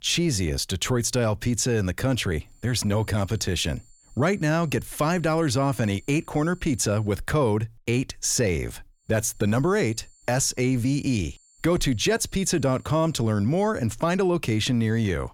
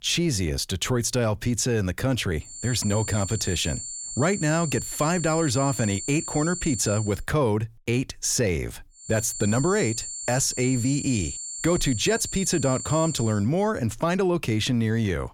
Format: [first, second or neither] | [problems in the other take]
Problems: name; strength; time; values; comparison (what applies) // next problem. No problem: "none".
first | high-pitched whine; loud; from 2.5 to 7 s and from 9 to 13 s; 7.5 kHz, 7 dB below the speech; faint in the first